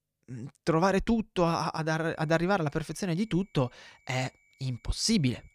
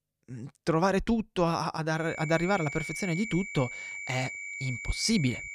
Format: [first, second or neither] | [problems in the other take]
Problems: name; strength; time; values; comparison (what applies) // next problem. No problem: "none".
first | high-pitched whine; loud; from 2 s on; 2.5 kHz, 7 dB below the speech; faint in the first